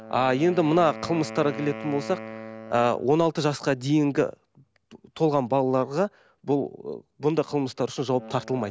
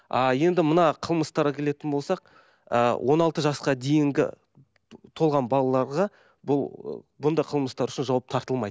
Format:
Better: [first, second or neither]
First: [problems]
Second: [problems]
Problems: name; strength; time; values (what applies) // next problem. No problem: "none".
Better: second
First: background sound (Wind instrument, woodwind instrument); 17 dB below the speech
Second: none